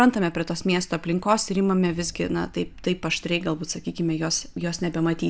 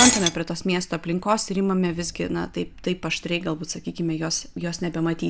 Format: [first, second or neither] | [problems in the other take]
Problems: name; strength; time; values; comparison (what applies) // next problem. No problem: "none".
first | background sound (Shatter); 6 dB below the speech